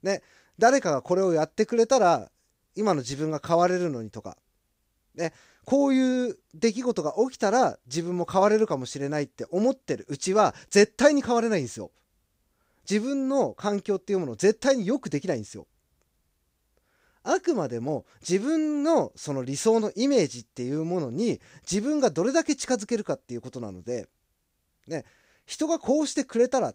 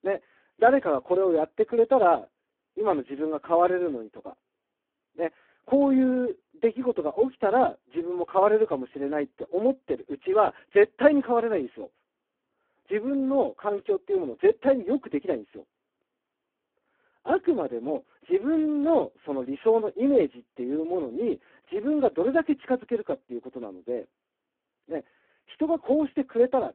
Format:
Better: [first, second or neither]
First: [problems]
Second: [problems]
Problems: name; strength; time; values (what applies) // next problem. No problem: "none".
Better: first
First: none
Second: phone-call audio; poor line